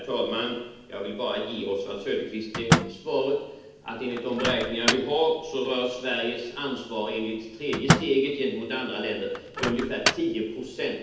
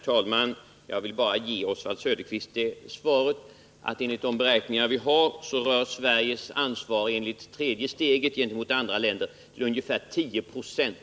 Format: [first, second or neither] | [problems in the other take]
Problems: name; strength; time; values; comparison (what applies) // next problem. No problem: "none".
second | background sound (Microwave oven); 3 dB below the speech // room echo; dies away in 0.8 s